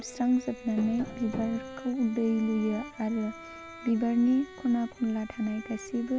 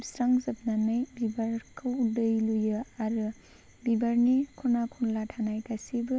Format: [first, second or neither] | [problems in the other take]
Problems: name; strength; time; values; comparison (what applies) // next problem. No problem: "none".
second | background sound (Bowed string instrument + Tap); 14 dB below the speech